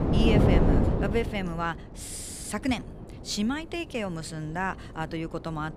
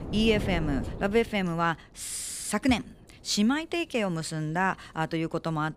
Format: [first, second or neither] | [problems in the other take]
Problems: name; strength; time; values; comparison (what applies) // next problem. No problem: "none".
second | wind noise on the microphone; heavy; 3 dB above the speech; occasional gusts in the second